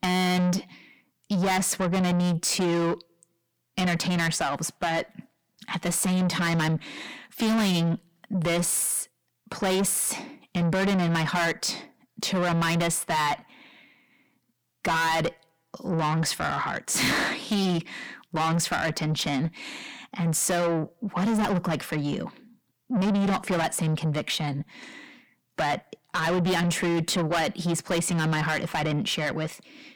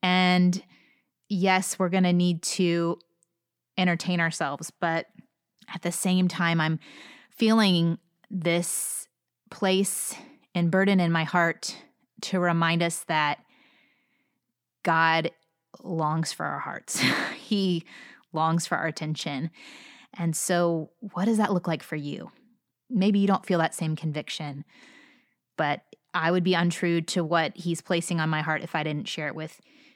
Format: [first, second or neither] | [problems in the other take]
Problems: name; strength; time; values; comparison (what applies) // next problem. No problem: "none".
second | distortion; heavy; 6 dB below the speech